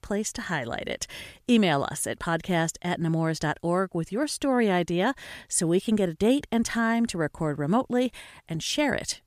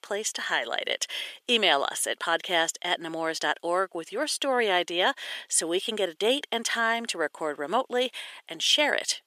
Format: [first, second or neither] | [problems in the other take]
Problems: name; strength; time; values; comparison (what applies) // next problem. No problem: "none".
first | thin; very; fading below 400 Hz